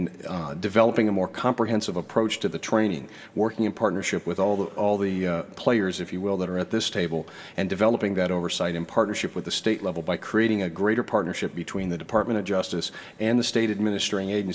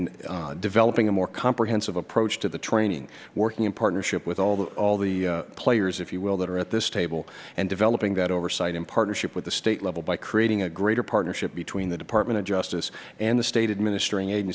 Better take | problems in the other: second | room echo; dies away in 1.4 s

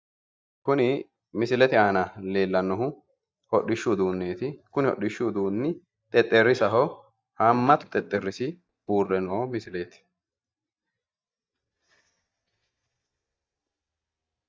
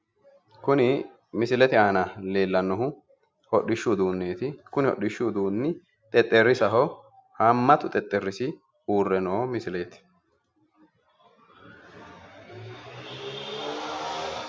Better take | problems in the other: second | noise reduction (neural mask model DeepFilterNet 3)

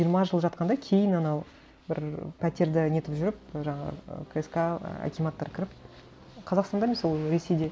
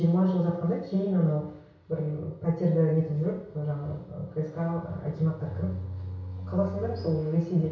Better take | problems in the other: first | background sound (Bowed string instrument); 9 dB below the speech // room echo; dies away in 0.6 s

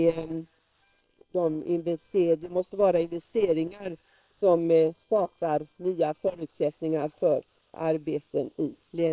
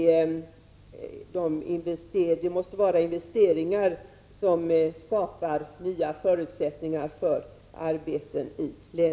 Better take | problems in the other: second | noise reduction (neural separator model SepFormer WHAM!)

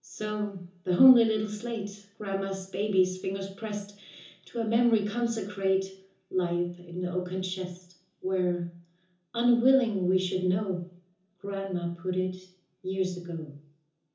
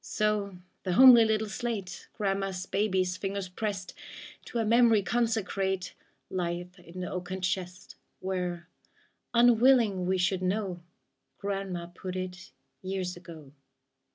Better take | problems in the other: second | room echo; dies away in 0.7 s

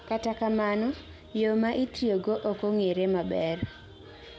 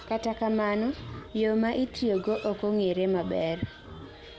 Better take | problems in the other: first | background sound (Livestock, farm animals, working animals); 20 dB below the speech

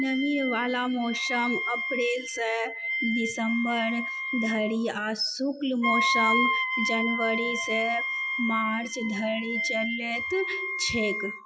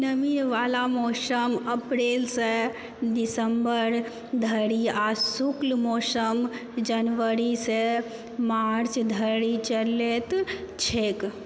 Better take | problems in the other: second | noise reduction (classical method Wiener filter)

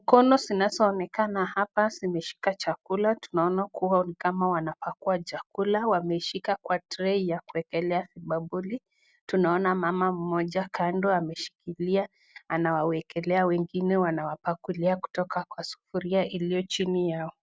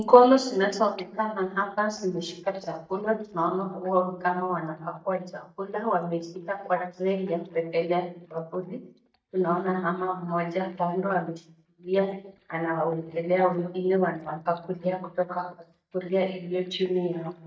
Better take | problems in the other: first | noise reduction (neural mask model DeepFilterNet 3)

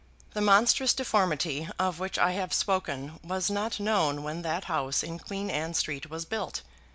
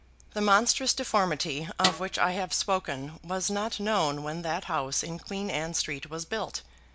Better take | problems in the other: first | background sound (Snare drum); 3 dB below the speech

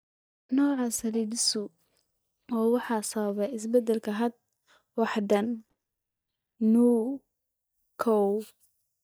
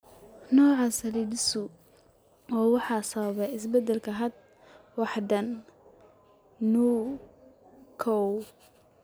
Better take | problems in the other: second | noise reduction (neural mask model DeepFilterNet 3)

